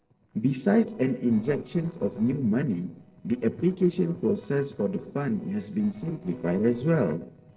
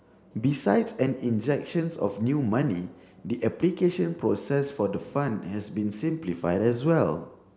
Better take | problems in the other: second | noise reduction (neural separator model SepFormer DNS4)

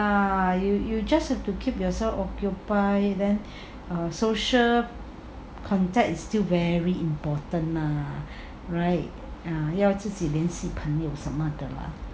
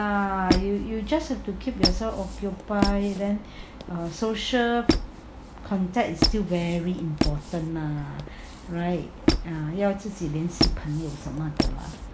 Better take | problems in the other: first | background sound (Squeak); 2 dB below the speech

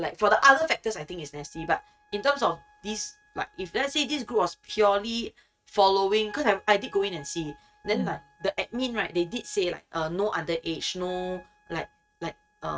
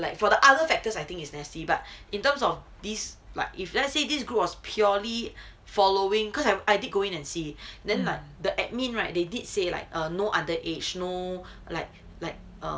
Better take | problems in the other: second | noise reduction (neural mask model RNNoise)

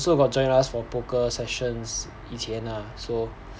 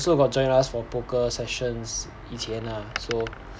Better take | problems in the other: first | background sound (Door); 18 dB below the speech

